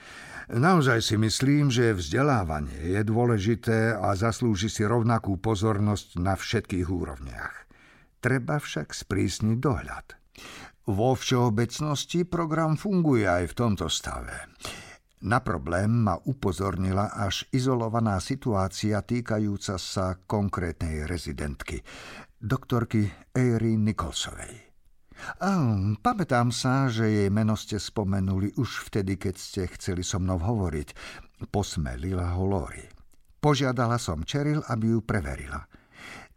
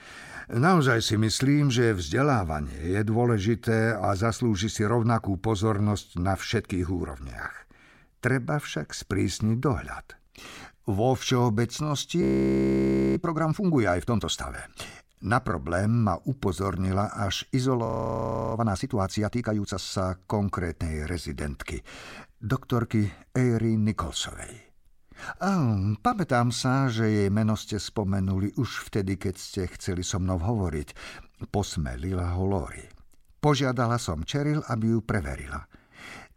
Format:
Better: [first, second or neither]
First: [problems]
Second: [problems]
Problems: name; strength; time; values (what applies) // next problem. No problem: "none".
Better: first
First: none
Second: audio freezing; at 12 s for 1 s and at 18 s for 0.5 s